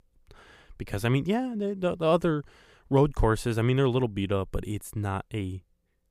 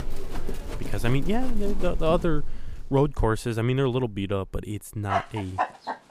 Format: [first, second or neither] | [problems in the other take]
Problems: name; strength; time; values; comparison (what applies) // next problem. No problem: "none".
first | animal sounds; loud; throughout; 7 dB below the speech